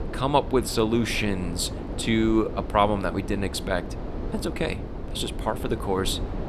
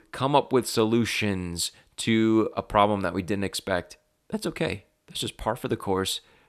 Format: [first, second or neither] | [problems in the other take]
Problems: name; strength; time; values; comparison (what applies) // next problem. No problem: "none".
second | wind noise on the microphone; occasional gusts; 10 dB below the speech